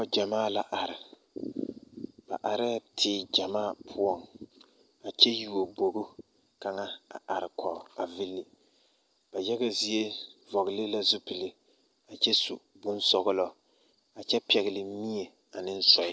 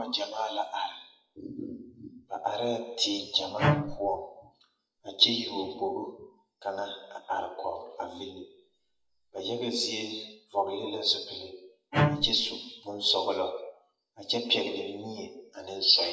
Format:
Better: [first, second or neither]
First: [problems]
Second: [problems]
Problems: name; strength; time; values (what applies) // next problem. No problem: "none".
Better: first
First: none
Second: noise reduction (classical method WPE with log-MMSE)